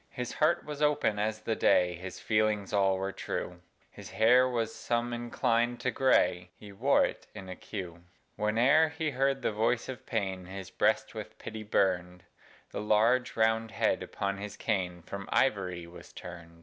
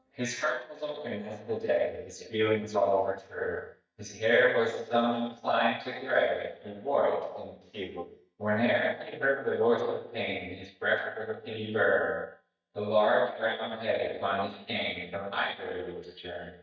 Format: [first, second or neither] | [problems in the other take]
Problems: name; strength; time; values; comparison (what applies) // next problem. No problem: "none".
first | noise reduction (neural mask model DeepFilterNet 3)